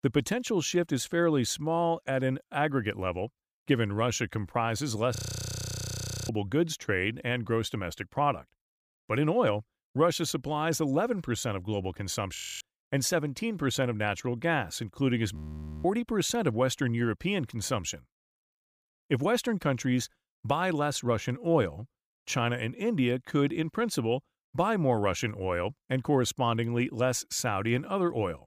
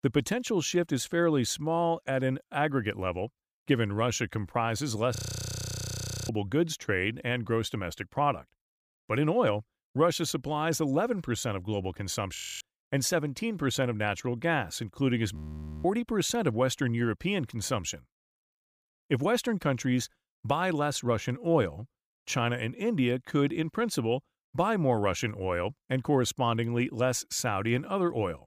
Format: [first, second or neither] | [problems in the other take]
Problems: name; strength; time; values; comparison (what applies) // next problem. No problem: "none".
neither | audio freezing; at 5 s for 1 s, at 12 s and at 15 s; the same in both